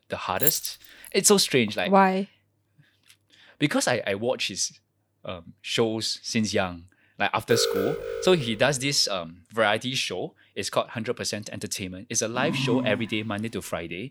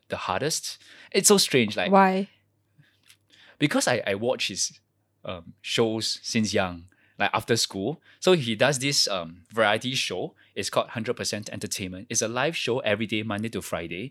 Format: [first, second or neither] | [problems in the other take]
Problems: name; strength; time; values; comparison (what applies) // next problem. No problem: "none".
second | jangling keys; loud; at 0.5 s; peak 2 dB above the speech // alarm; noticeable; from 7.5 to 8.5 s; peak 1 dB below the speech // dog barking; noticeable; at 12 s; peak 3 dB below the speech